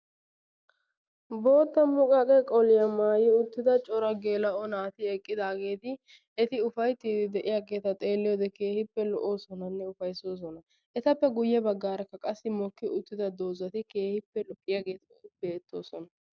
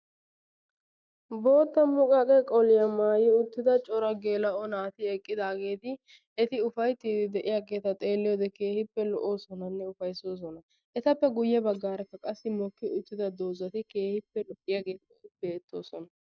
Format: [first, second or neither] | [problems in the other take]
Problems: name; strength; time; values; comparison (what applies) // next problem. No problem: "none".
first | noise reduction (neural mask model DeepFilterNet 3)